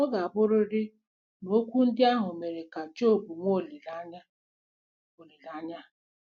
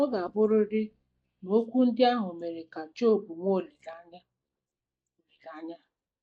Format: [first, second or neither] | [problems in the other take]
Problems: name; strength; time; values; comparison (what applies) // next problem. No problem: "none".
first | noise reduction (neural mask model DeepFilterNet 3)